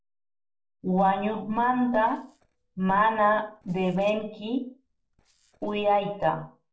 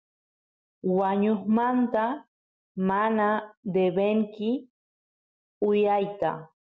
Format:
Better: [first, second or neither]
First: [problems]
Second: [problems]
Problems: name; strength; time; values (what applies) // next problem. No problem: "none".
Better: second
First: noise reduction (neural separator model SepFormer DNS4)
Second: none